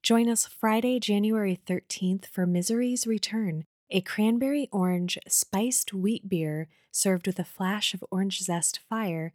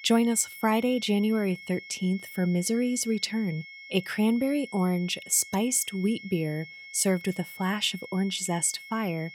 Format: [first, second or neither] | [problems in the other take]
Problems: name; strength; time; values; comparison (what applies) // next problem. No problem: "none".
first | high-pitched whine; noticeable; throughout; 2 kHz, 15 dB below the speech